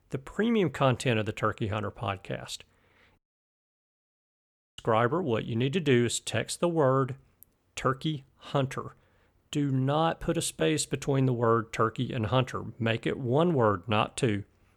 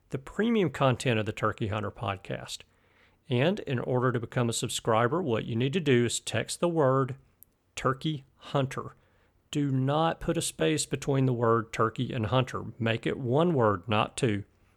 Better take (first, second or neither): second